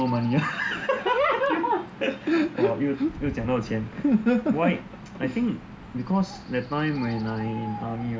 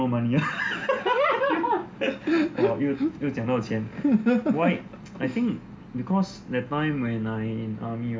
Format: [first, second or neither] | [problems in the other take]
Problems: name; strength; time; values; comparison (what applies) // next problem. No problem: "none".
second | background sound (Stream / Chirp, tweet / Wind + Bird); 17 dB below the speech